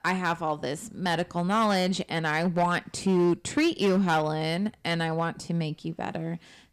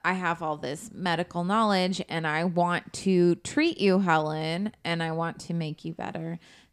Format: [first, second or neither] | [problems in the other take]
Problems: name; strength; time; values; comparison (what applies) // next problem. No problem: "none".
second | distortion; slight; 5% of the sound clipped